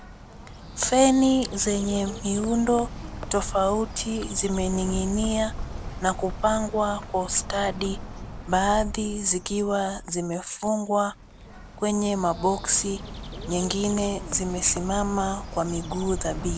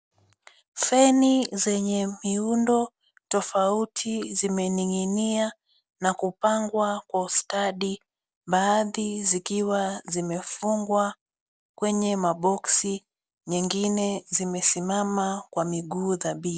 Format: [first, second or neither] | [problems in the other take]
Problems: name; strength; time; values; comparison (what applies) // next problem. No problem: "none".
second | background sound (Bird); 10 dB below the speech